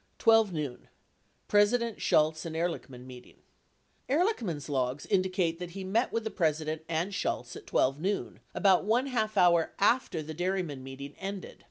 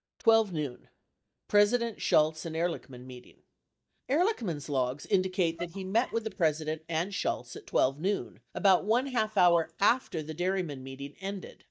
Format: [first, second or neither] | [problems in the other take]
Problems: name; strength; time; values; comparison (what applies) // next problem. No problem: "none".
first | noise reduction (neural mask model DeepFilterNet 3)